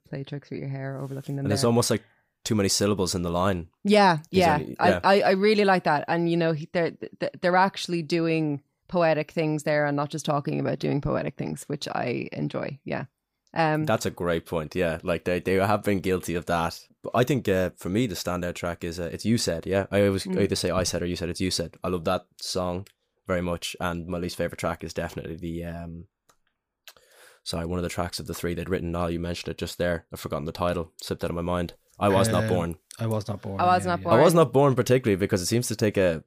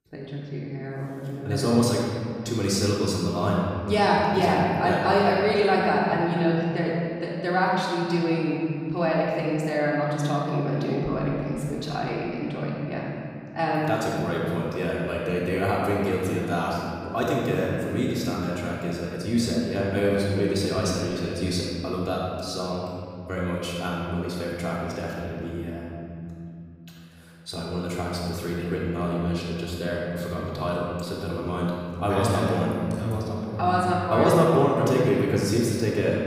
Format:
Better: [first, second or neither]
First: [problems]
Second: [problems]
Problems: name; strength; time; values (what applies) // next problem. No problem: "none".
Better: first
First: none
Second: off-mic speech; far // room echo; strong; dies away in 2.6 s